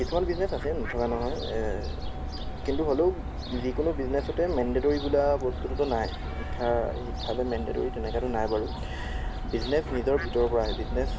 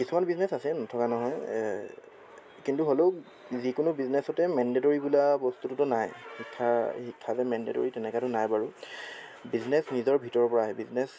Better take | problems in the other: second | background sound (Fowl); 4 dB below the speech

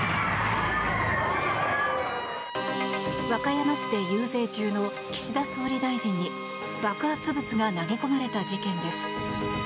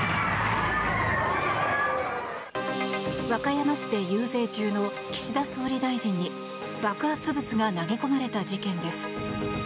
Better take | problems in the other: second | background sound (Wind instrument, woodwind instrument); 11 dB below the speech

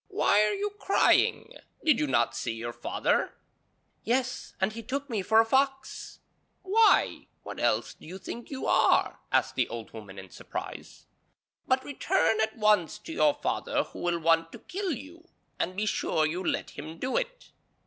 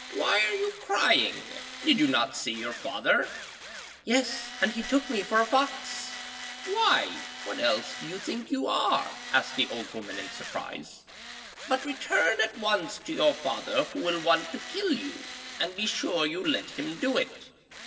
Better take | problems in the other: first | background sound (Tools); 13 dB below the speech // room echo; dies away in 2.1 s

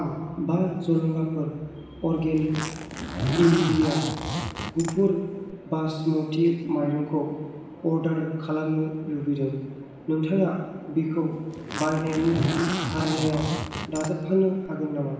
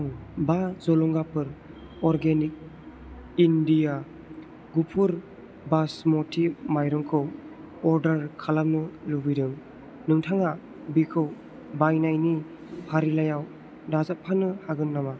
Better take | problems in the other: second | background sound (Zipper (clothing)); 4 dB below the speech // room echo; dies away in 1.2 s

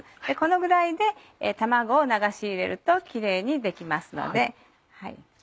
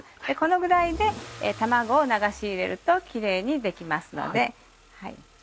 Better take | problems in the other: first | background sound (Engine starting / Accelerating, revving, vroom / Car); 19 dB below the speech

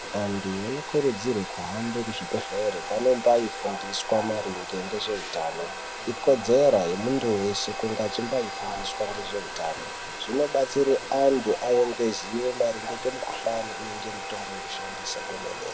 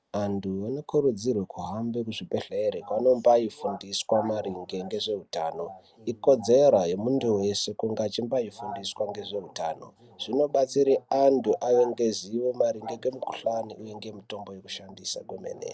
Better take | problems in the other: second | background sound (Domestic sounds, home sounds); 9 dB below the speech

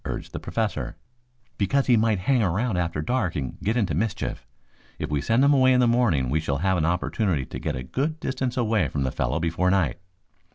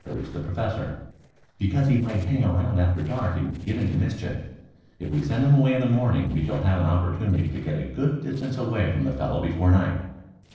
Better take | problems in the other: first | noise reduction (neural separator model SepFormer DNS4)

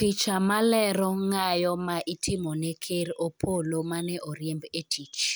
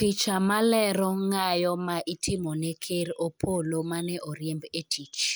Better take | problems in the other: first | noise reduction (neural mask model Resemble Enhance denoiser)

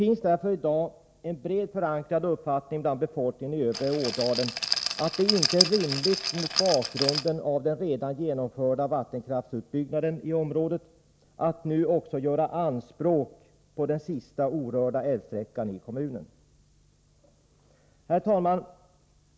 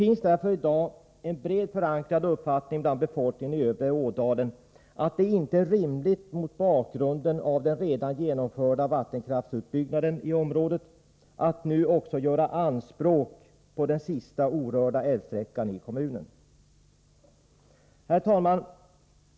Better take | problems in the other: second | background sound (Rattle); 1 dB below the speech

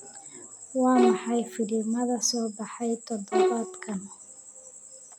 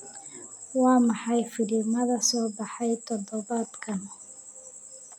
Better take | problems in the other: second | background sound (Bowed string instrument); 2 dB above the speech

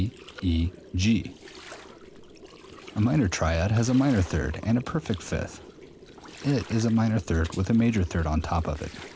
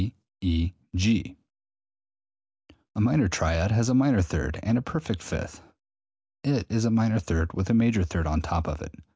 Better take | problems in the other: second | background sound (Gurgling); 19 dB below the speech

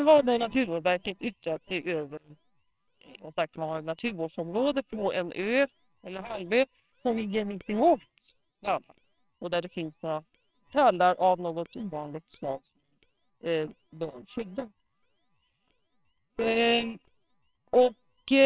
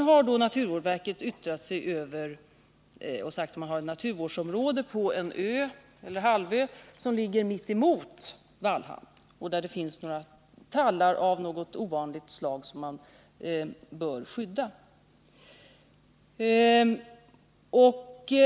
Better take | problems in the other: second | noise reduction (neural separator model SepFormer WHAMR!)

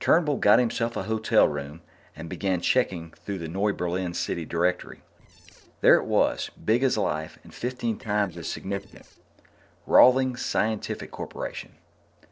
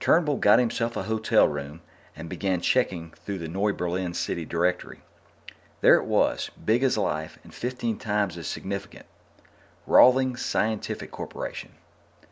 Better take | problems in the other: second | noise reduction (neural separator model SepFormer DNS4)

